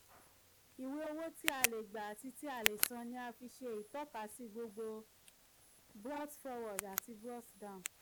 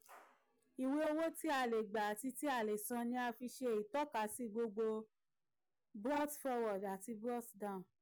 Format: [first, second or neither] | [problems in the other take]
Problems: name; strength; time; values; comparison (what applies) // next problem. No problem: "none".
second | background sound (Tick); 1 dB above the speech